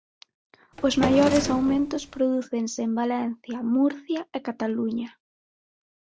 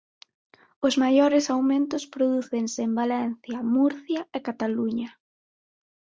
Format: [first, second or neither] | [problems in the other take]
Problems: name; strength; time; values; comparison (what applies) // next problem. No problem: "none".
second | background sound (Drawer open or close); 4 dB below the speech